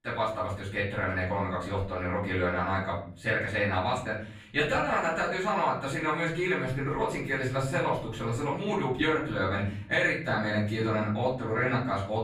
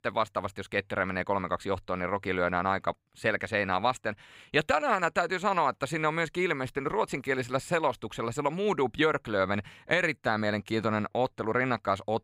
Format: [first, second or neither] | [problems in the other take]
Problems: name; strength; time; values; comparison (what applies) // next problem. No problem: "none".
second | off-mic speech; far // room echo; noticeable; dies away in 0.7 s